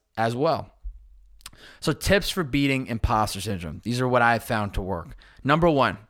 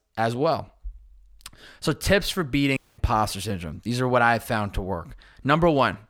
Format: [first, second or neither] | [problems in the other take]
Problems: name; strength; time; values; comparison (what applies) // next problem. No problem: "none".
first | audio cutting out; at 3 s